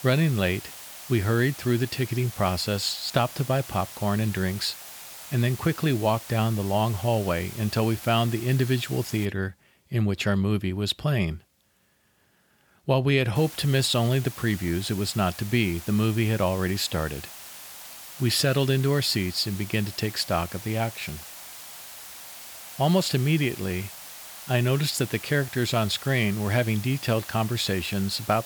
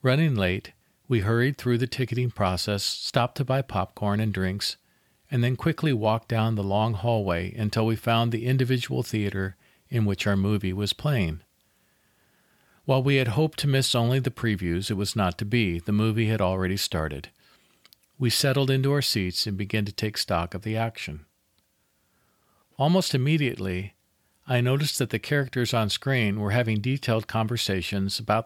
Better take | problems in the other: second | hiss; noticeable; until 9.5 s and from 13 s on; 15 dB below the speech

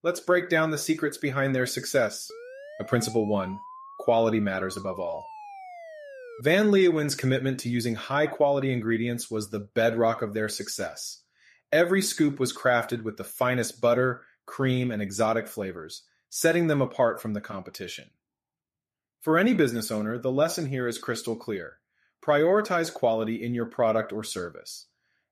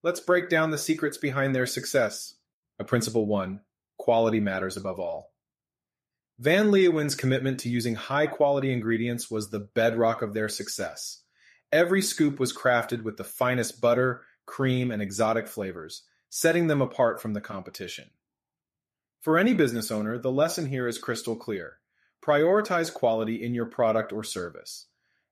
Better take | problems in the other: second | siren; faint; from 2.5 to 6.5 s; peak 15 dB below the speech

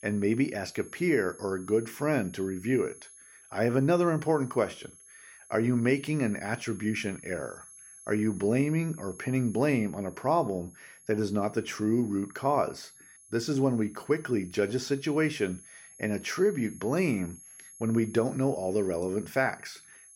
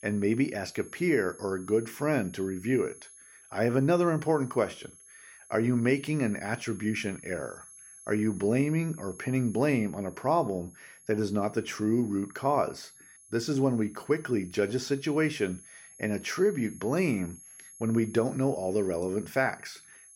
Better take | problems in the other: neither | high-pitched whine; faint; throughout; 11 kHz, 20 dB below the speech; the same in both

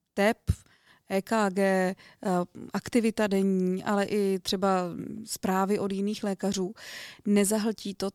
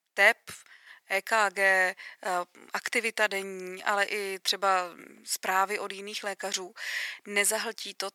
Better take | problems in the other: first | thin; very; fading below 750 Hz

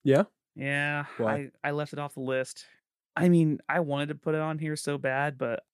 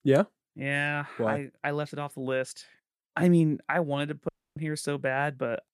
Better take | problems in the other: first | audio cutting out; at 4.5 s

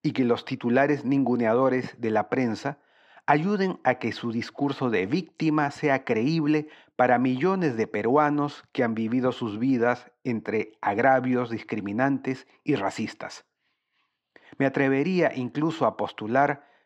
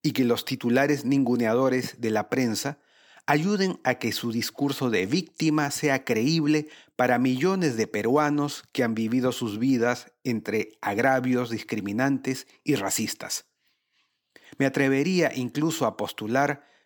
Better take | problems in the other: second | muffled; slightly; fading above 3 kHz

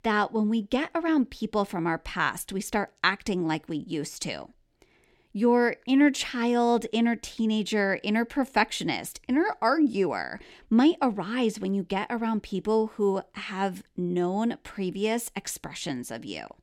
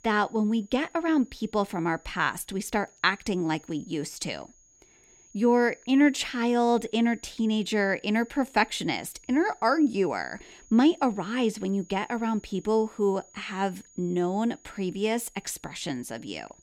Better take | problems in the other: first | high-pitched whine; faint; throughout; 6.5 kHz, 30 dB below the speech

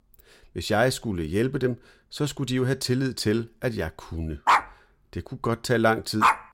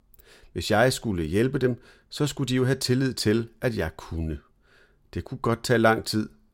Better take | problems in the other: second | dog barking; loud; from 4.5 s on; peak 5 dB above the speech

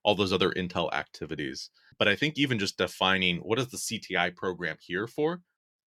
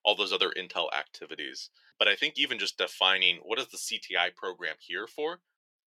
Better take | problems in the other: first | thin; somewhat; fading below 550 Hz

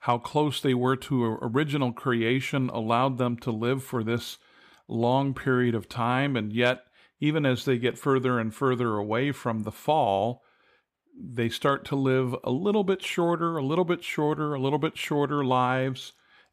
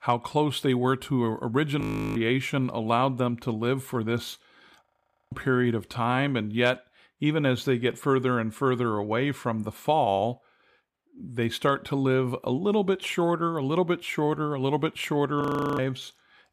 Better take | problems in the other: first | audio freezing; at 2 s, at 5 s and at 15 s

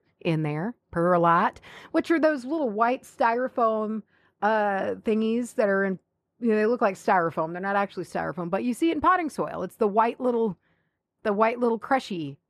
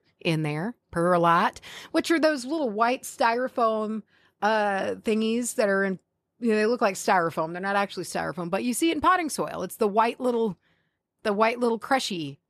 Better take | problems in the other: second | muffled; slightly; fading above 3 kHz

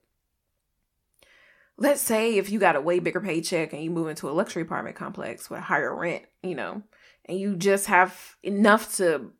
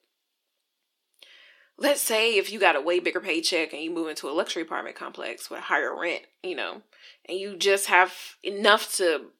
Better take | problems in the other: first | thin; somewhat; fading below 300 Hz

